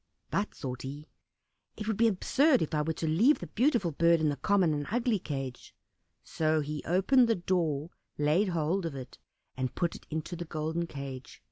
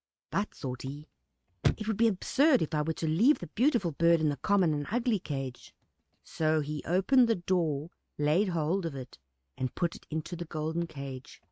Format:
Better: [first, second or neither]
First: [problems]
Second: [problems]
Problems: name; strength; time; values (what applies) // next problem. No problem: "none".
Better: first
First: none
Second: noise reduction (neural mask model RNNoise)